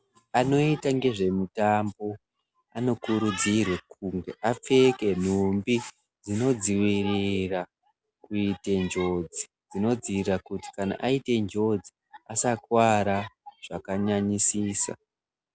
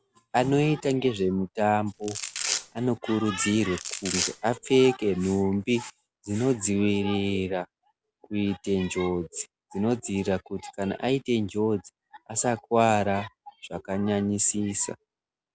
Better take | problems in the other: first | background sound (Domestic sounds, home sounds); 6 dB below the speech

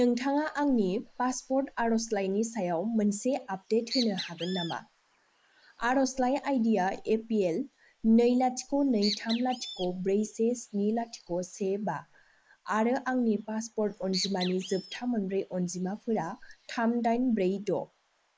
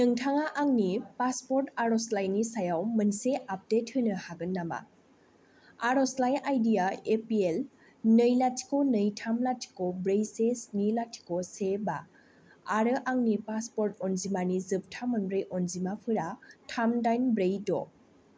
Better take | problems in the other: second | noise reduction (neural mask model Resemble Enhance denoiser)

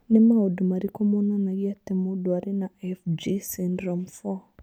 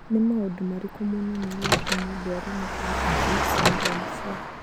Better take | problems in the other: first | background sound (Microwave oven + Engine); 1 dB above the speech

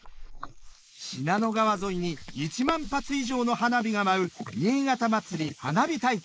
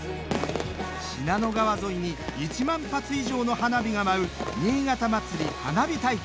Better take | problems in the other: second | noise reduction (neural mask model Resemble Enhance denoiser)

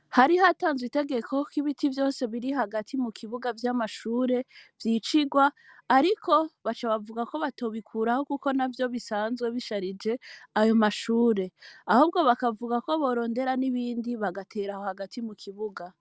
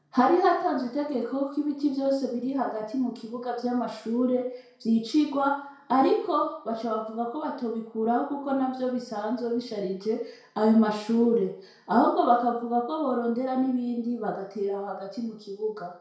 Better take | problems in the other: first | room echo; dies away in 0.6 s

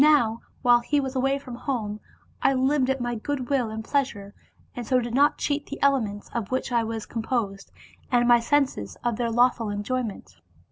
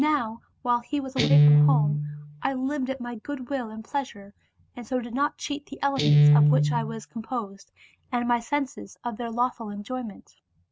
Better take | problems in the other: first | noise reduction (neural mask model RNNoise)

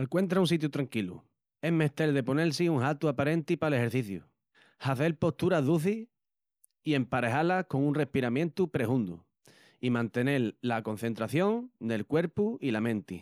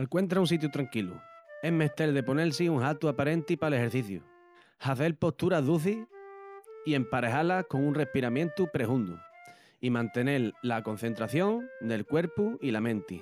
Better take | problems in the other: first | background sound (Wind instrument, woodwind instrument); 19 dB below the speech

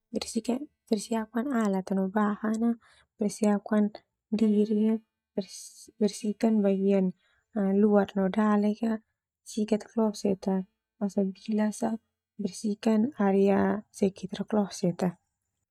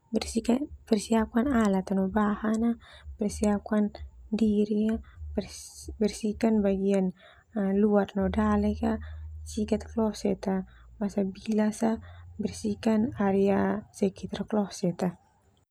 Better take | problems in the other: second | noise reduction (neural mask model DeepFilterNet 3)

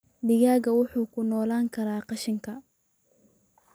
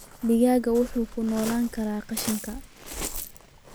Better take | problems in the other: first | background sound (Waves, surf); 11 dB below the speech

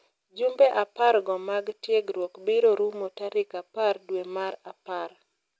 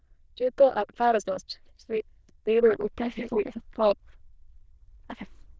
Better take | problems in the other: first | noise reduction (neural diffusion model UNIVERSE++)

